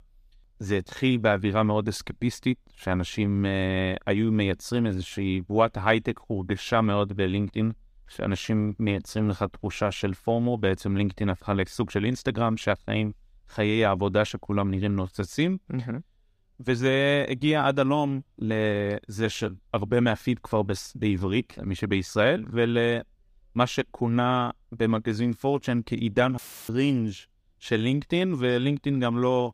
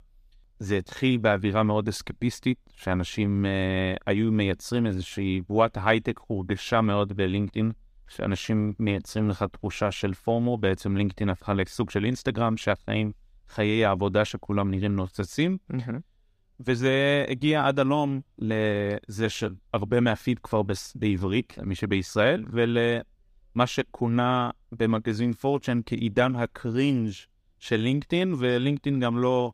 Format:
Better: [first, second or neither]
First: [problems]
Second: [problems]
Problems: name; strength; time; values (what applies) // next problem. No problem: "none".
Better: second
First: audio cutting out; filled with static; at 26 s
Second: none